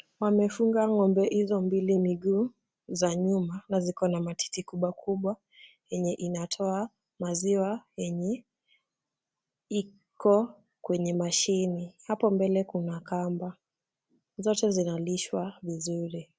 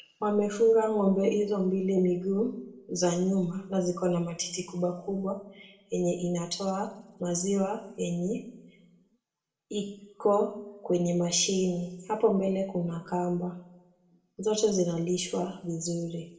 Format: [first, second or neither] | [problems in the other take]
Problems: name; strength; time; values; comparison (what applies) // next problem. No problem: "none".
first | room echo; dies away in 0.6 s